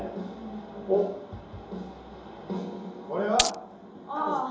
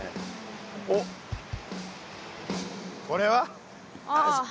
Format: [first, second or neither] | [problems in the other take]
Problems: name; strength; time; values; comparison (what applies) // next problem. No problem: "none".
second | background sound (Glass); 3 dB above the speech // room echo; dies away in 2.8 s